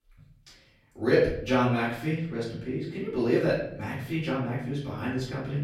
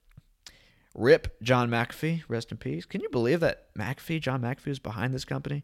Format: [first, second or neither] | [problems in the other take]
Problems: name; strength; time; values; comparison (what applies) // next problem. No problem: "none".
second | off-mic speech; far // room echo; noticeable; dies away in 0.6 s